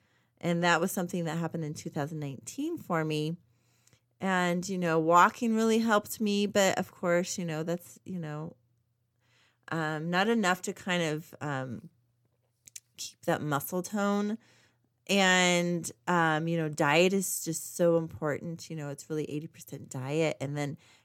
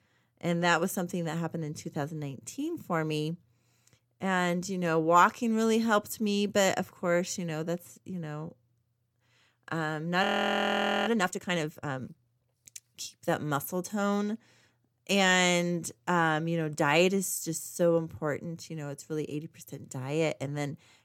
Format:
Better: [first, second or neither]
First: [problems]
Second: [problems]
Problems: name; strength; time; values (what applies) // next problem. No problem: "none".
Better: first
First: none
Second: audio freezing; at 10 s for 1 s